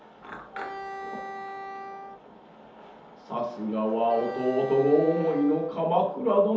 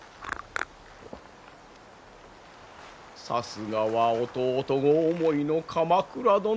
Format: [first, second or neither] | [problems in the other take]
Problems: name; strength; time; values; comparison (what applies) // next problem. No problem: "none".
second | background sound (Wind instrument, woodwind instrument); 12 dB below the speech // room echo; dies away in 0.6 s